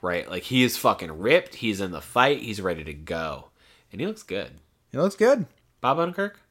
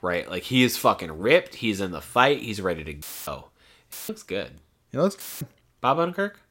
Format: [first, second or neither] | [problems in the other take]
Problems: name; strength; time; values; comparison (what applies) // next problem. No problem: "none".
first | audio cutting out; filled with static; at 3 s, at 4 s and at 5 s